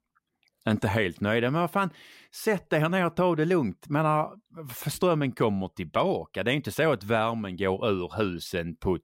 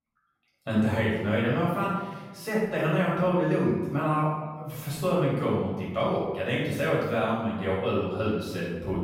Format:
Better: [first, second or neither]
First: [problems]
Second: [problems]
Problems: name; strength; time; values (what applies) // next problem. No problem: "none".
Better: first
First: none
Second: off-mic speech; far // room echo; strong; dies away in 1.1 s